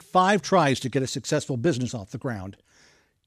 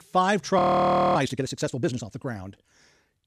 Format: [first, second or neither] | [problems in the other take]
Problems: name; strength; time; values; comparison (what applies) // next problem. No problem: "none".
first | audio freezing; at 0.5 s for 0.5 s